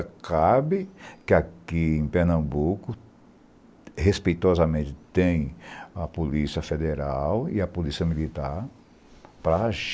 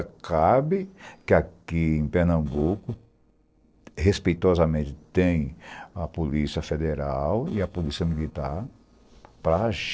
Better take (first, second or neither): first